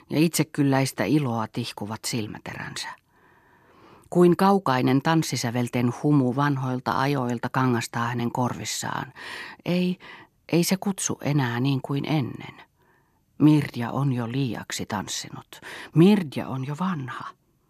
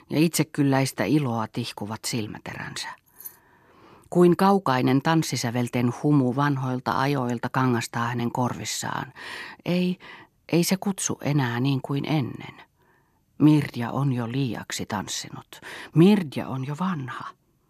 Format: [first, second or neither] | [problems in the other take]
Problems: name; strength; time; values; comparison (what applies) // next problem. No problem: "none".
first | jangling keys; faint; at 3 s; peak 15 dB below the speech